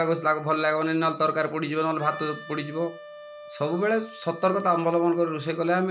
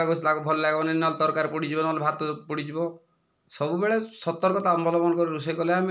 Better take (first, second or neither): second